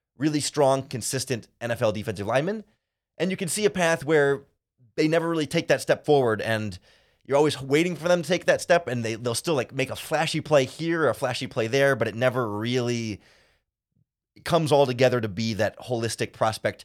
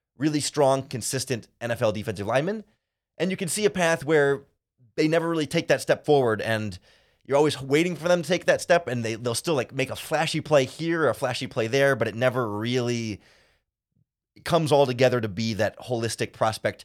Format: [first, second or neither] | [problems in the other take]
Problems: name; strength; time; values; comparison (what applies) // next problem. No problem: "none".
neither | none